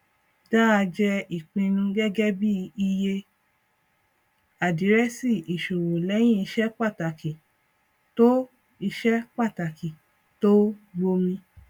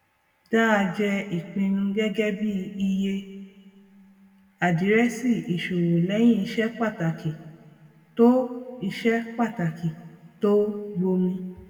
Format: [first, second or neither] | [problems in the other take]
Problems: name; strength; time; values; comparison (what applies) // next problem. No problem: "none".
first | room echo; dies away in 1.6 s